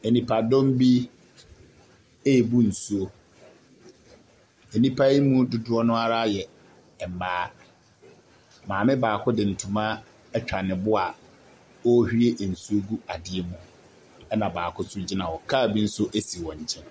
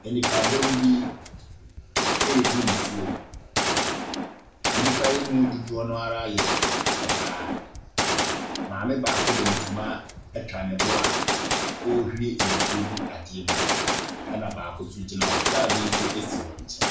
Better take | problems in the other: first | background sound (Gunshot, gunfire); 2 dB above the speech // room echo; dies away in 0.3 s

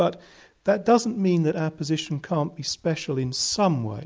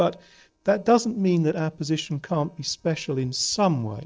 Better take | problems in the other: first | noise reduction (neural separator model SepFormer DNS4)

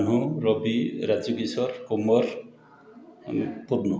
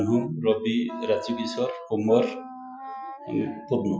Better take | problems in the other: first | noise reduction (classical method Wiener filter)

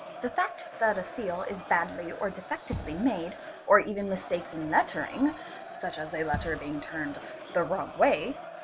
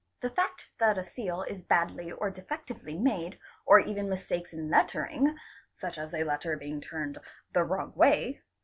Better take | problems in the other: second | background sound (Bass drum + Crowd); 11 dB below the speech

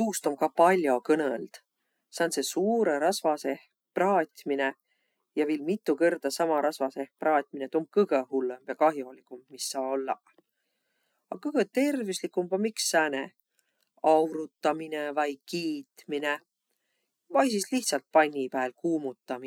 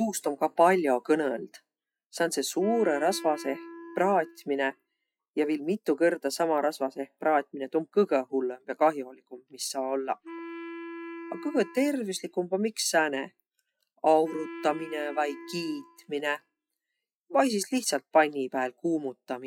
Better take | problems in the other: first | noise reduction (classical method log-MMSE)

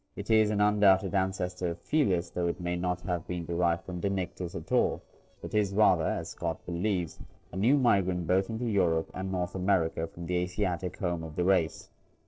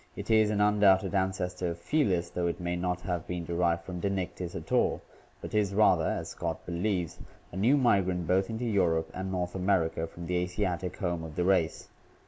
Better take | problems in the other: second | noise reduction (neural separator model SepFormer DNS4)

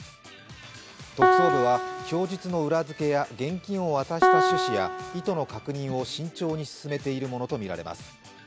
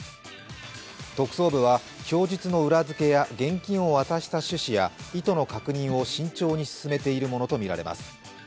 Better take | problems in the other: second | background sound (Piano); 2 dB above the speech

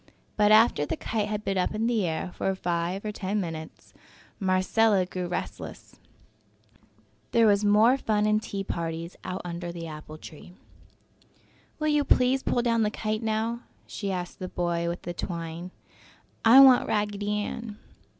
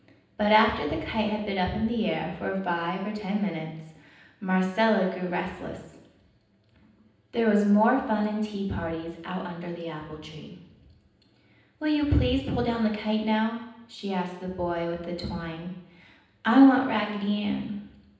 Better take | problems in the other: first | room echo; dies away in 0.9 s

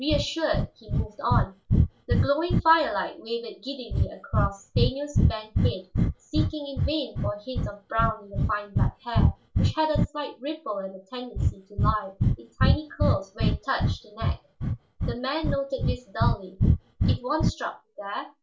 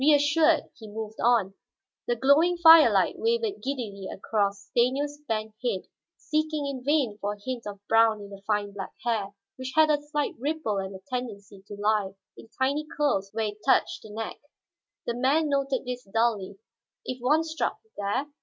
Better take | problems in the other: second | background sound (Breathing); 4 dB above the speech // room echo; dies away in 0.2 s

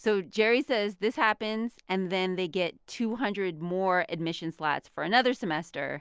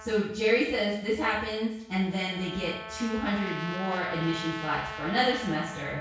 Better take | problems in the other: first | background sound (Trumpet); 12 dB below the speech // room echo; dies away in 0.6 s

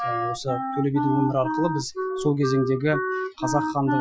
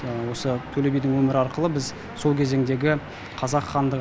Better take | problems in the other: second | noise reduction (classical method Wiener filter)

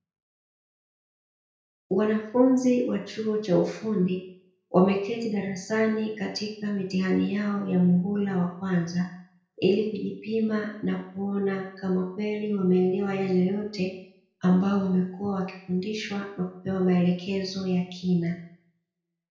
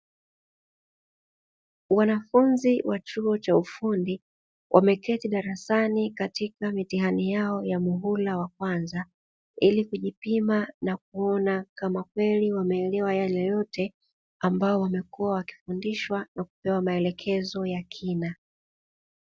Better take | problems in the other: second | room echo; dies away in 0.5 s

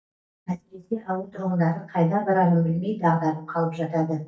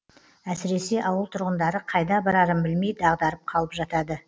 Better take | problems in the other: second | noise reduction (neural mask model DeepFilterNet 3)

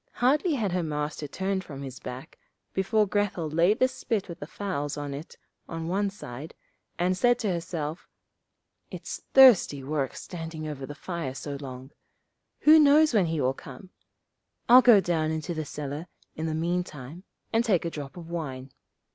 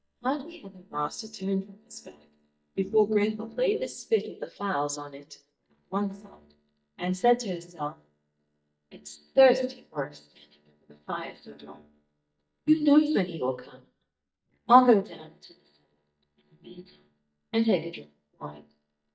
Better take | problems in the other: first | noise reduction (neural mask model DeepFilterNet 3)

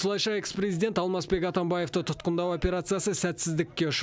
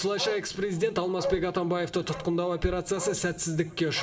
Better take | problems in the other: first | background sound (Bark); 12 dB below the speech // room echo; dies away in 1.3 s

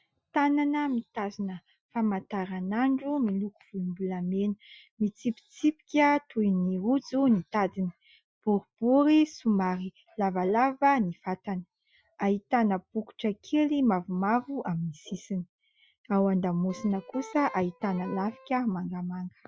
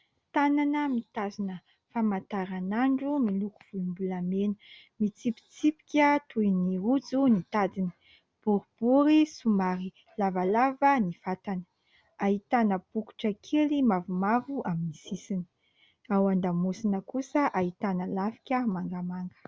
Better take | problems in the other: second | noise reduction (classical method Wiener filter)

